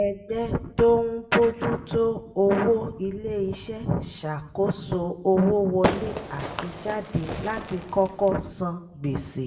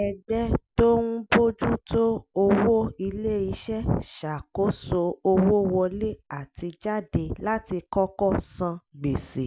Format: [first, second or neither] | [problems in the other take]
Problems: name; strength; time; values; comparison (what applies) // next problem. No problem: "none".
second | background sound (Fireworks); 6 dB below the speech // room echo; dies away in 0.7 s